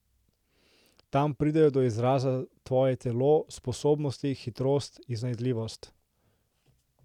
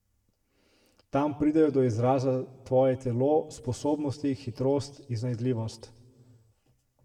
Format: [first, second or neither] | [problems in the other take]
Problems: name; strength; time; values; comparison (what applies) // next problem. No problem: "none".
first | room echo; dies away in 1.2 s